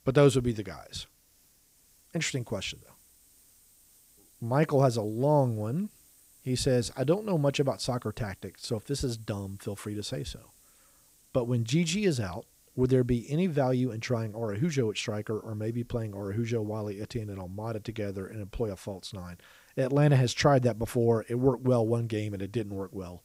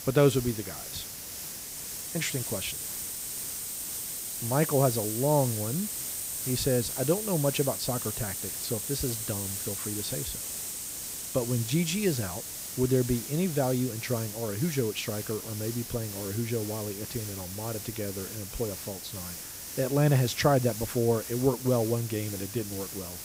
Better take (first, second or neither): first